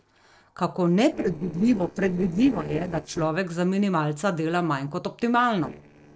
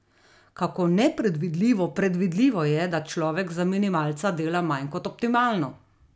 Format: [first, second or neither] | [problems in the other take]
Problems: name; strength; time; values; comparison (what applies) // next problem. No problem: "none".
second | noise reduction (neural separator model SepFormer DNS4)